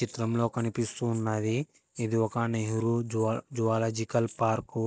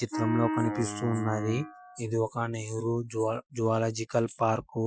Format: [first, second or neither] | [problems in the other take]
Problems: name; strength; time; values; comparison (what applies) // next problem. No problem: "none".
first | noise reduction (classical method Wiener filter)